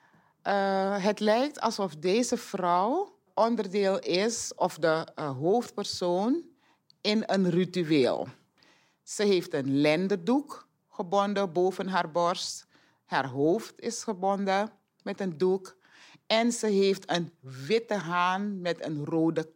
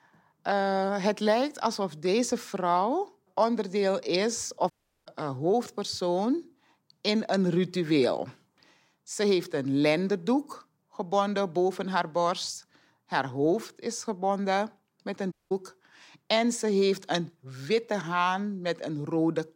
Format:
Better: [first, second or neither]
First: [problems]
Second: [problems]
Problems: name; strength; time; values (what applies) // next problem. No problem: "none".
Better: first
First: none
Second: audio cutting out; at 4.5 s and at 15 s